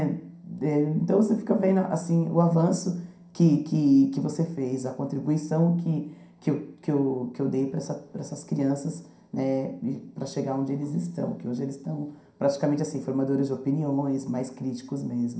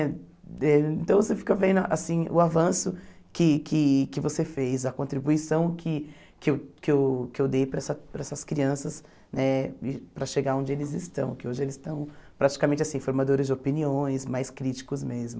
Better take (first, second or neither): second